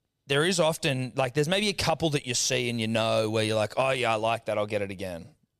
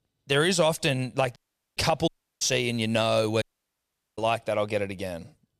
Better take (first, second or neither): first